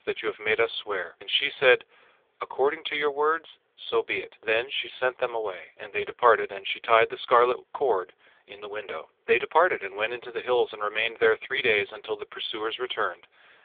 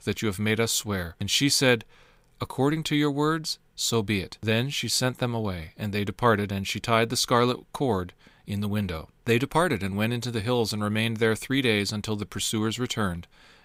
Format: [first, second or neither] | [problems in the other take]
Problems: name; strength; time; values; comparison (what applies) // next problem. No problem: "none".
second | phone-call audio; poor line; nothing above 3.5 kHz